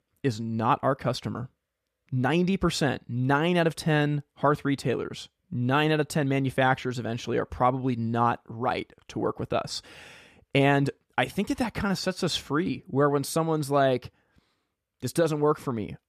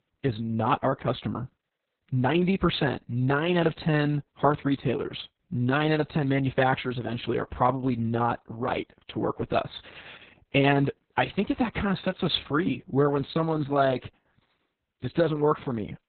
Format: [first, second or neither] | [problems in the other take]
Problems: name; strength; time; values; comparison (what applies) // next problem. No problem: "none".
first | garbled, watery; badly; nothing above 4 kHz